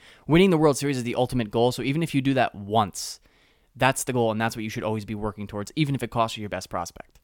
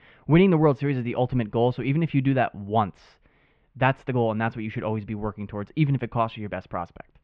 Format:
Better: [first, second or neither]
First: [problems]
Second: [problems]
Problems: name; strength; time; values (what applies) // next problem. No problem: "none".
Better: first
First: none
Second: muffled; very; fading above 2.5 kHz